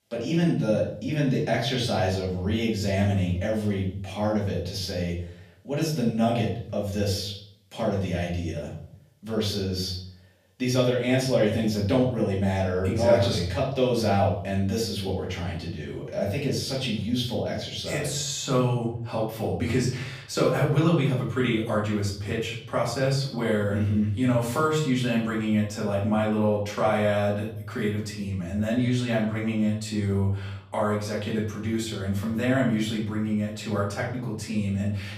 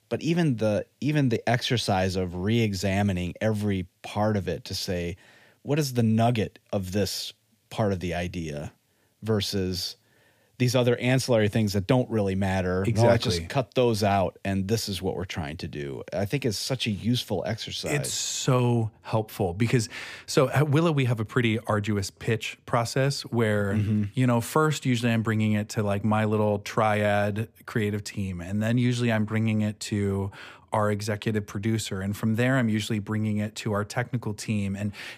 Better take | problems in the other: second | room echo; noticeable; dies away in 0.5 s // off-mic speech; far

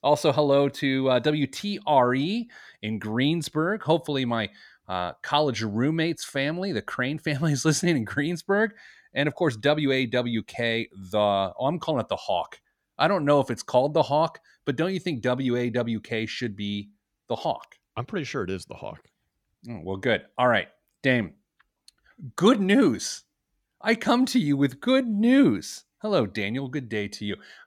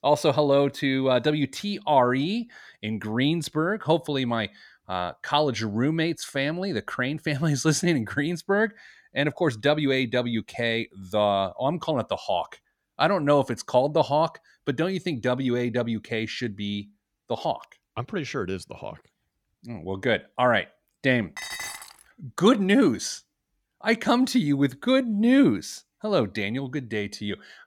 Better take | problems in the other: first | clattering dishes; noticeable; at 21 s; peak 7 dB below the speech

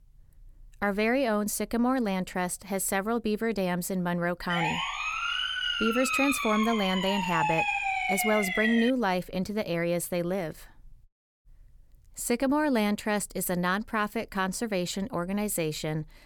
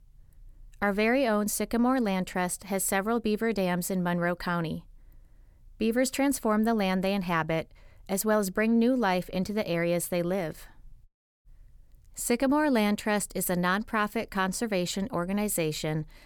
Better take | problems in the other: second | siren; loud; from 4.5 to 9 s; peak 2 dB above the speech

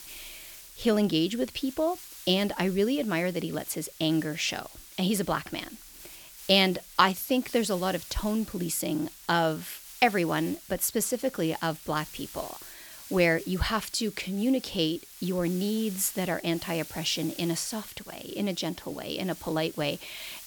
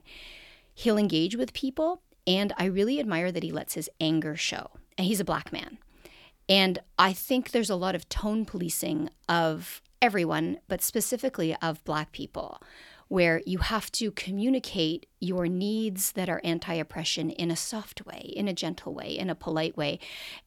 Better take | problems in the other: second | hiss; noticeable; throughout; 15 dB below the speech

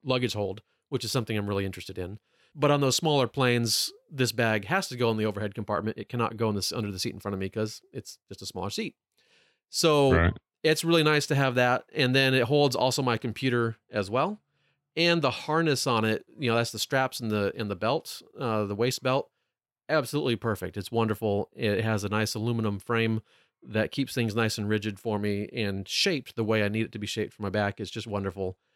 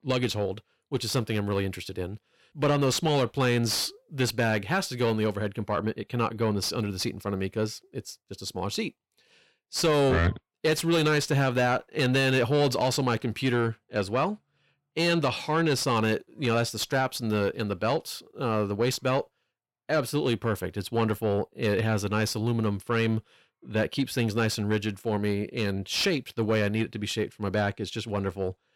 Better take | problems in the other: first | distortion; slight; 10 dB below the speech

